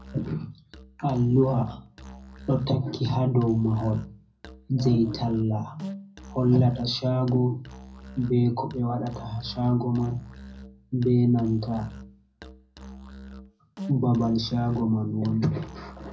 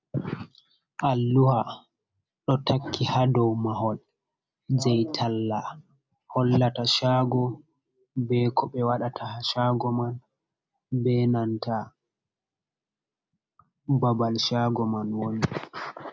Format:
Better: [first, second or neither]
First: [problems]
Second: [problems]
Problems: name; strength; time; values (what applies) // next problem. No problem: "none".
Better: second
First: background sound (Musical instrument); 17 dB below the speech // room echo; dies away in 0.4 s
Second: none